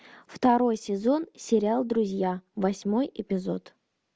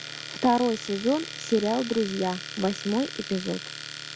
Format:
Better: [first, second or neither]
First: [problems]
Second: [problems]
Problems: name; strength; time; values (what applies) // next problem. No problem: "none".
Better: first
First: none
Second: background sound (Domestic sounds, home sounds); 11 dB below the speech